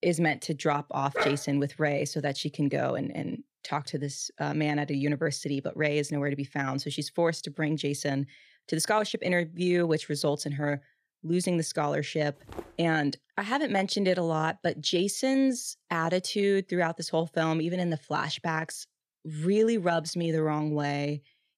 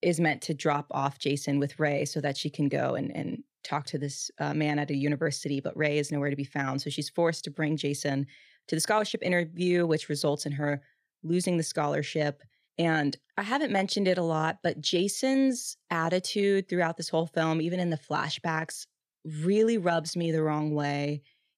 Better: second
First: dog barking; noticeable; at 1 s; peak 2 dB below the speech // footsteps; faint; at 12 s; peak 15 dB below the speech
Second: none

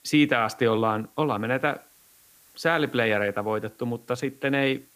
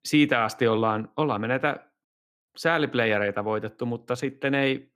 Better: second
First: hiss; faint; throughout; 30 dB below the speech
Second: none

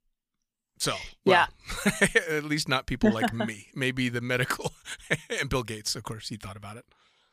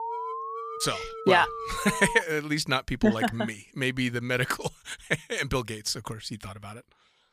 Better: first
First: none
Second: alarm; noticeable; until 2 s; peak 6 dB below the speech

